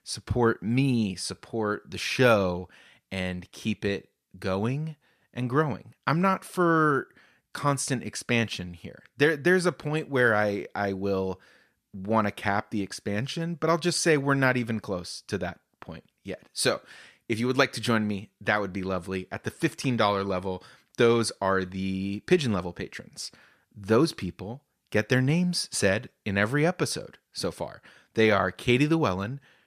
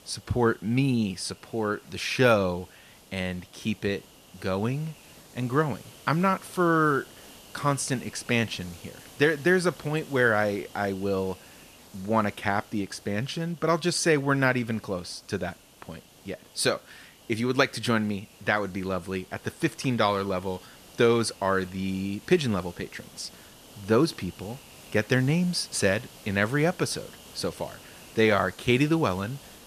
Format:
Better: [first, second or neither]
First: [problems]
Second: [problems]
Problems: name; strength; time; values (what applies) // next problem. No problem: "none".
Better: first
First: none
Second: hiss; faint; throughout; 20 dB below the speech